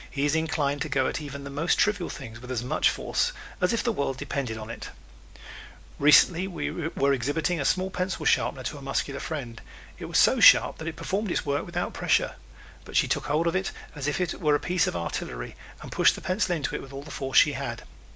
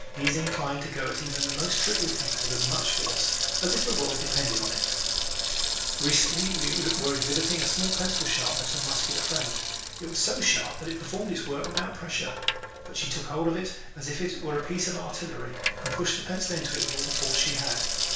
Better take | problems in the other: first | background sound (Sink (filling or washing) / Water tap, faucet); 1 dB above the speech // room echo; dies away in 0.6 s

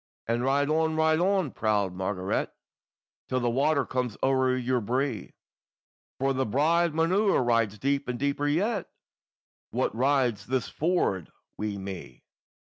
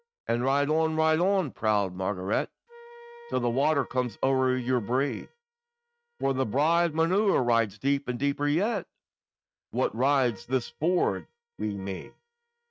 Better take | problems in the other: first | noise reduction (neural mask model RNNoise)

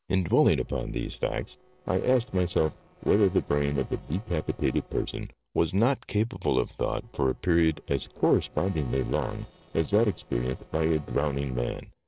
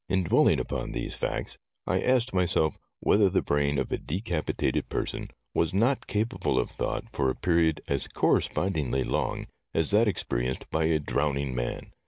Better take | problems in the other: second | noise reduction (neural separator model SepFormer DNS4)

